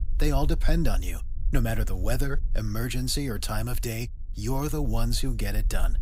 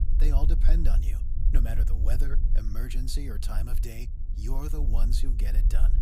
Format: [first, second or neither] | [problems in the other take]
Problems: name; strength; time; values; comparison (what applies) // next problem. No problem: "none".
first | low rumble; loud; throughout; 7 dB below the speech; faint in the first